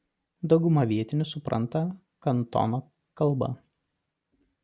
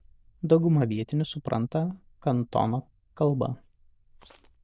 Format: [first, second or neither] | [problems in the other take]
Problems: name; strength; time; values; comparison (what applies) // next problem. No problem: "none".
first | noise reduction (neural diffusion model UNIVERSE++)